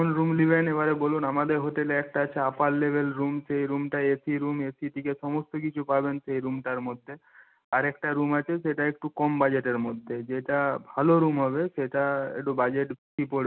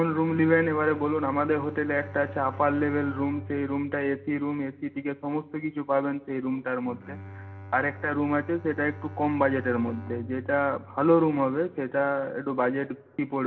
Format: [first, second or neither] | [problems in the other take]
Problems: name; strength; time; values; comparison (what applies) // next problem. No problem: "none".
first | background sound (Bowed string instrument); 16 dB below the speech // room echo; dies away in 1.3 s